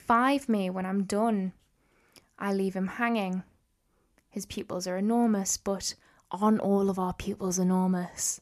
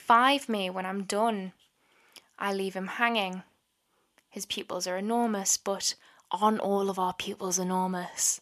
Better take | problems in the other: first | thin; somewhat; fading below 550 Hz

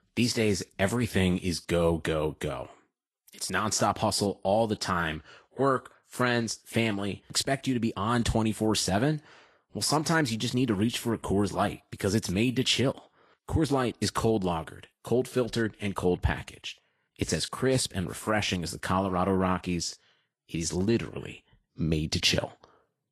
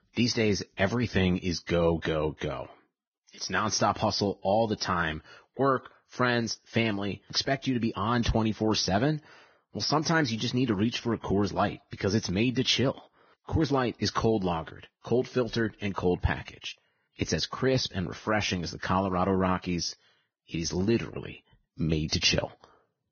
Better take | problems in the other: first | garbled, watery; badly; nothing above 6.5 kHz; slightly in the first

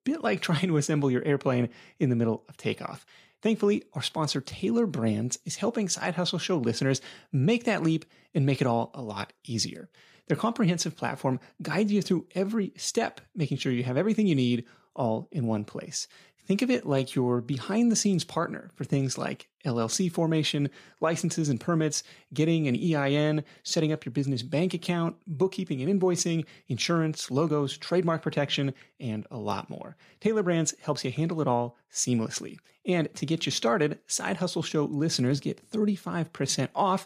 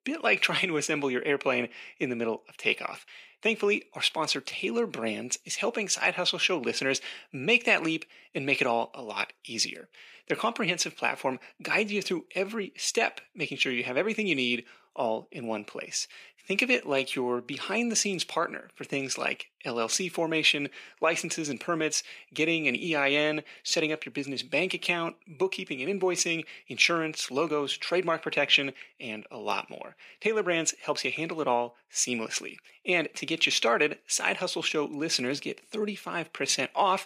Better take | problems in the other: first | thin; somewhat; fading below 350 Hz

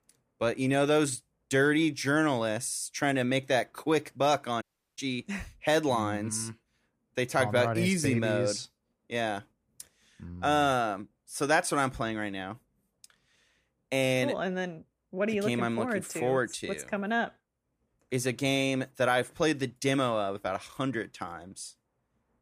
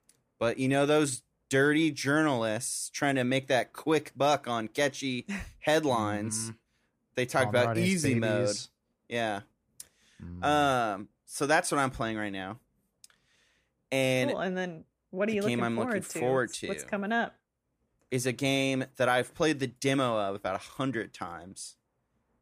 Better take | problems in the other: second | audio cutting out; at 4.5 s

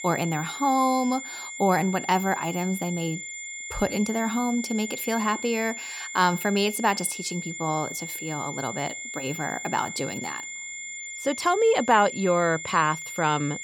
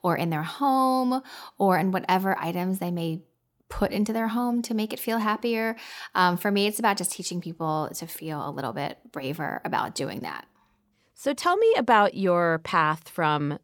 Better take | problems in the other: second | high-pitched whine; loud; throughout; 2 kHz, 8 dB below the speech

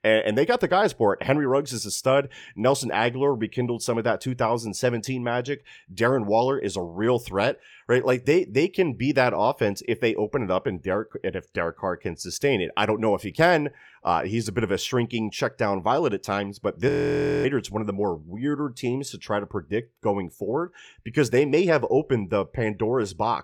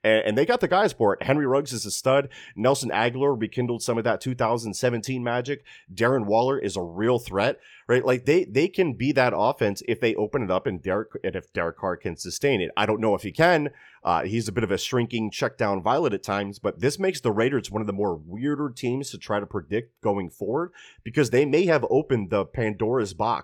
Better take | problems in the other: second | audio freezing; at 17 s for 0.5 s

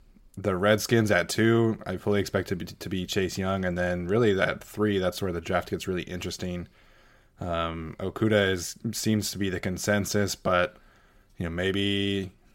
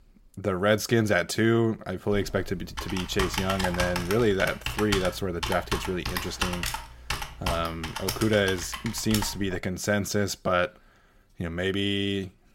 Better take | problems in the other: first | keyboard typing; noticeable; from 2 to 9.5 s; peak 2 dB below the speech

